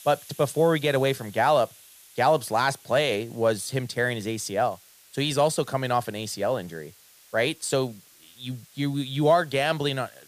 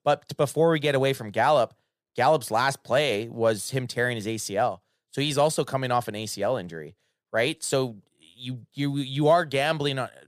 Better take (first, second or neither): second